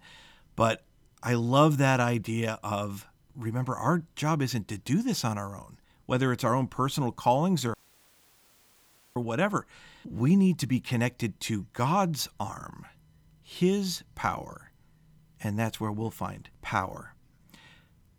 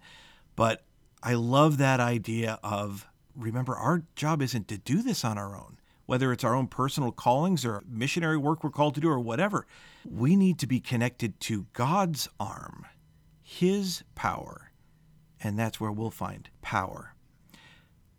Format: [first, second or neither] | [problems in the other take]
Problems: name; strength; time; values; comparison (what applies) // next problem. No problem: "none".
second | audio cutting out; at 7.5 s for 1.5 s